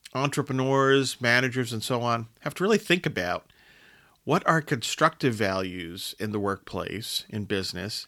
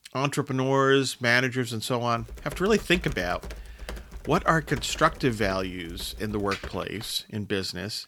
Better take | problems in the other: first | keyboard typing; faint; from 2 to 7 s; peak 10 dB below the speech

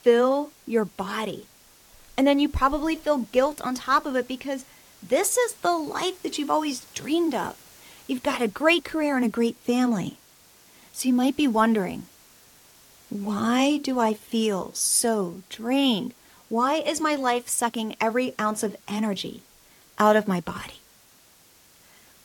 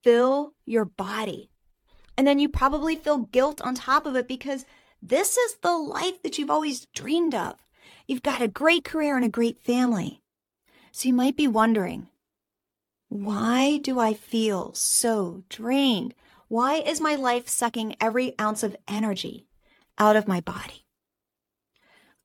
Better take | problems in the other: second | hiss; faint; throughout; 25 dB below the speech

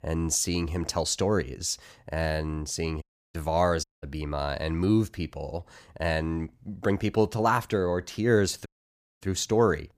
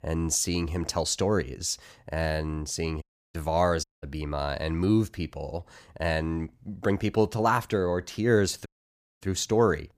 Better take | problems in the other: neither | audio cutting out; at 3 s, at 4 s and at 8.5 s for 0.5 s; the same in both

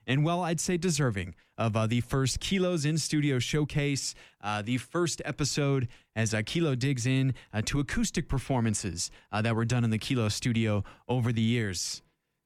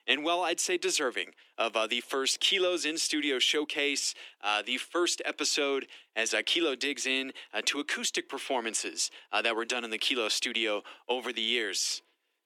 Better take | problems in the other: first | thin; very; fading below 300 Hz

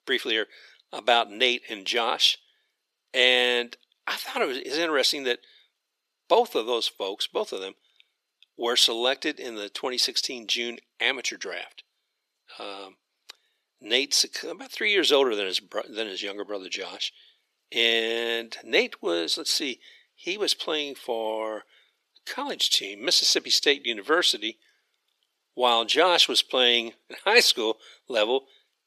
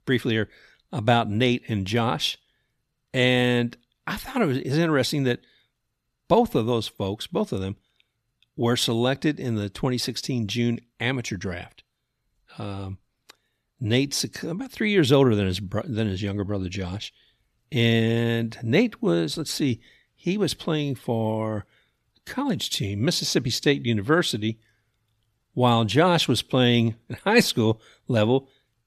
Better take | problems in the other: second | thin; very; fading below 400 Hz

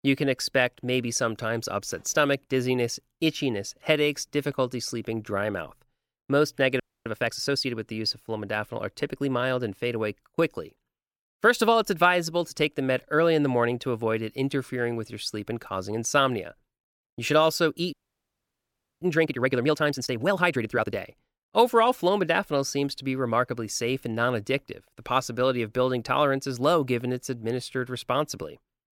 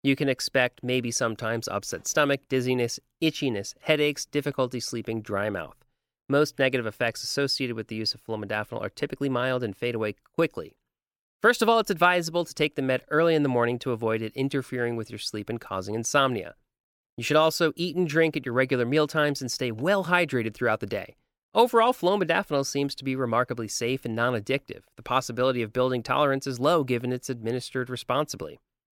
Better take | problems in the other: second | audio freezing; at 7 s and at 18 s for 1 s

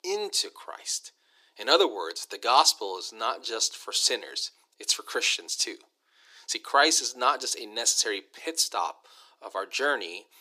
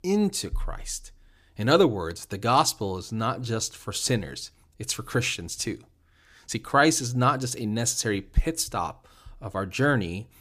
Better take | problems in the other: second | thin; very; fading below 350 Hz

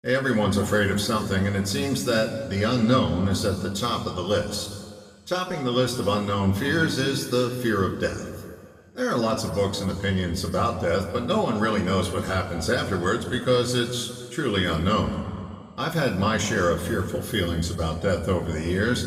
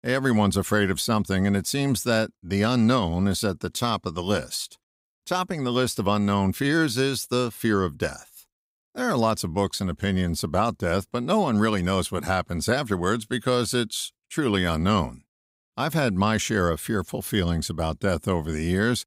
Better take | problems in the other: second | room echo; noticeable; dies away in 1.7 s // off-mic speech; somewhat distant

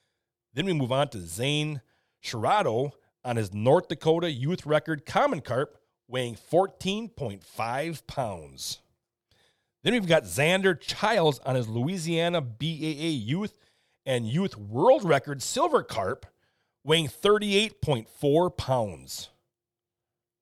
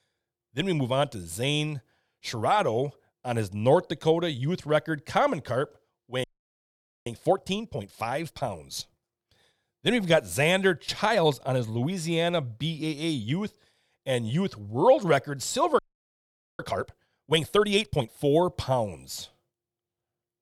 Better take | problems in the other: first | audio freezing; at 6 s for 1 s and at 16 s for 1 s

